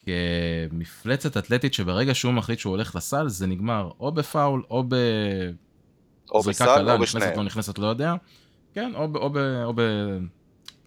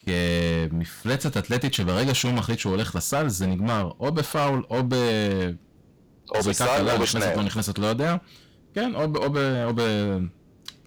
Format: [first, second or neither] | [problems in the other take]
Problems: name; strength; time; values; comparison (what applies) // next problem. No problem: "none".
first | distortion; heavy; 18% of the sound clipped